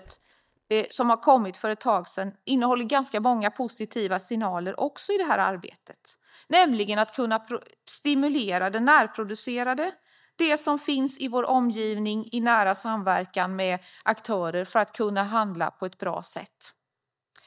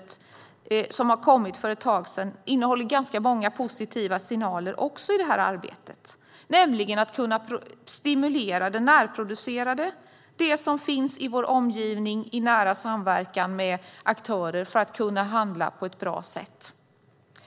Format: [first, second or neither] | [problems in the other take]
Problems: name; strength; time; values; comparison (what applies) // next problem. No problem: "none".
second | noise reduction (neural mask model DeepFilterNet 3)